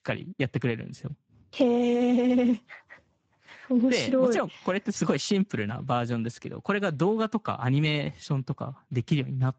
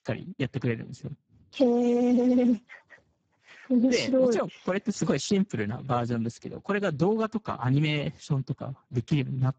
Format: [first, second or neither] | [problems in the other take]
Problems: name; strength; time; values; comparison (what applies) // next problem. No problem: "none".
first | garbled, watery; badly; nothing above 7.5 kHz; slightly in the first